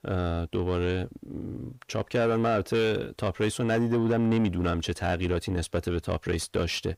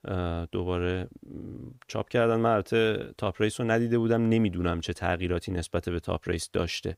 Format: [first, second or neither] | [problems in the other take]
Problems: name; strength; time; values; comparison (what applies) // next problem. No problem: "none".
second | distortion; slight; 10 dB below the speech